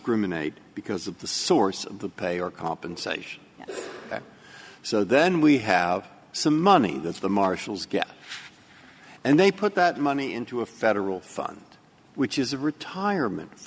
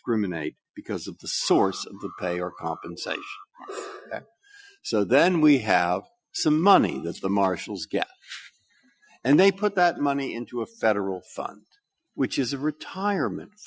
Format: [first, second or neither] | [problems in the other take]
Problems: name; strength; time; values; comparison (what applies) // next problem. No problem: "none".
first | noise reduction (classical method Wiener filter)